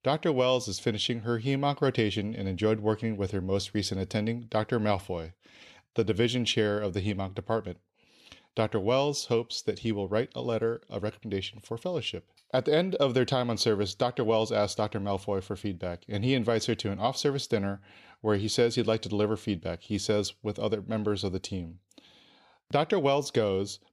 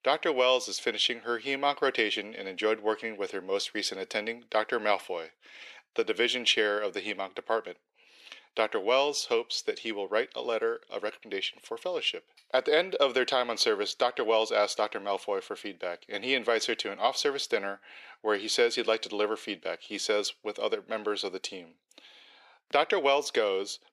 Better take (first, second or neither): first